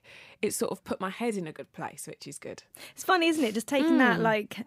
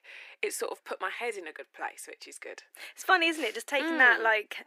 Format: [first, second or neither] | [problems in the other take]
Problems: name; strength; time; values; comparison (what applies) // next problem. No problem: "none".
first | thin; very; fading below 350 Hz